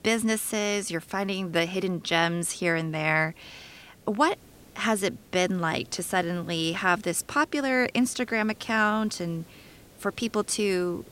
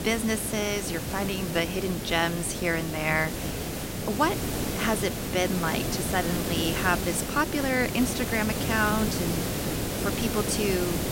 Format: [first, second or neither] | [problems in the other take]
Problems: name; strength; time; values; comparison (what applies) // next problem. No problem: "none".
first | hiss; loud; throughout; 2 dB below the speech; faint in the first